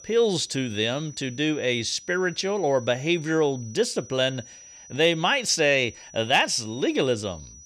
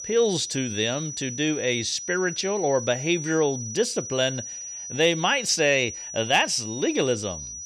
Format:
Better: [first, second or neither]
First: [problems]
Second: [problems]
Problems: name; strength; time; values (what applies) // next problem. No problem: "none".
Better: first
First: high-pitched whine; faint; throughout; 6 kHz, 20 dB below the speech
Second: high-pitched whine; loud; throughout; 6 kHz, 9 dB below the speech